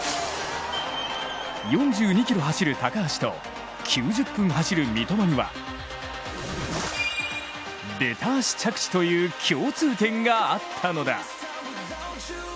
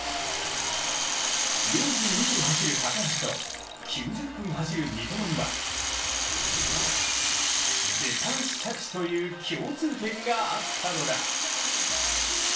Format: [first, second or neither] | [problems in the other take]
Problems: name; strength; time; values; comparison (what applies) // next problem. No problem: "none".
first | background sound (Rattle (instrument)); 3 dB above the speech // room echo; dies away in 0.3 s